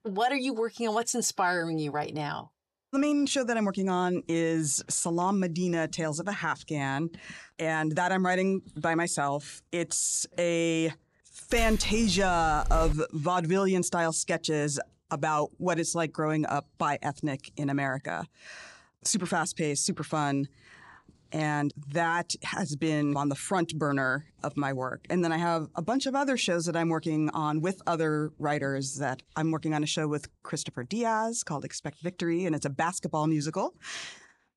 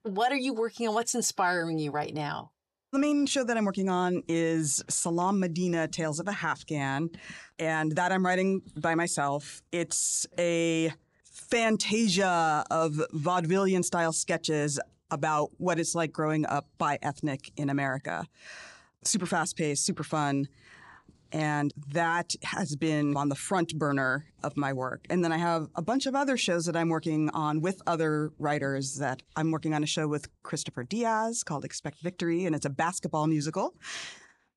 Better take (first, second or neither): second